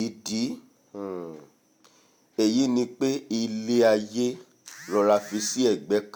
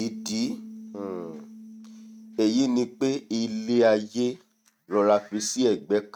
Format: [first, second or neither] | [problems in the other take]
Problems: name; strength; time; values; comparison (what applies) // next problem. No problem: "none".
first | noise reduction (neural mask model RNNoise)